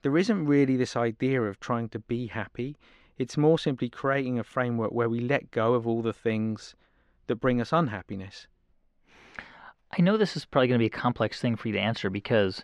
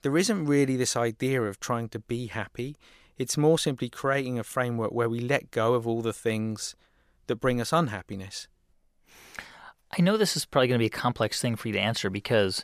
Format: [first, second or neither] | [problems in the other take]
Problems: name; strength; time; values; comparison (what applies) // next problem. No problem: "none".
second | muffled; slightly; fading above 3 kHz